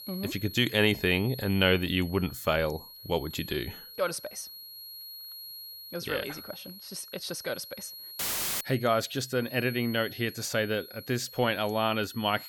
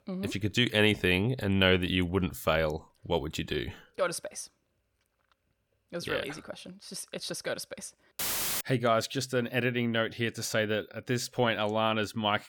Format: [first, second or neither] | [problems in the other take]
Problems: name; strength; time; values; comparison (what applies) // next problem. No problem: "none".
second | high-pitched whine; noticeable; throughout; 4.5 kHz, 15 dB below the speech